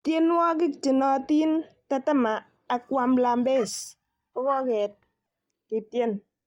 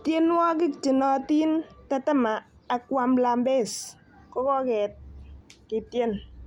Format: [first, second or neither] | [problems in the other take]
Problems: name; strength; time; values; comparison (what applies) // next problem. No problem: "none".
second | noise reduction (neural mask model DeepFilterNet 3)